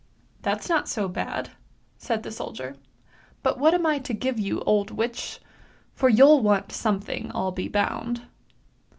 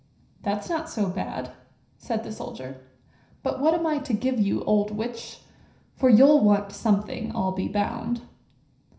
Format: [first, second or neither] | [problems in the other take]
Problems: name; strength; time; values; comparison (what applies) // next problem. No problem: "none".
first | room echo; dies away in 0.5 s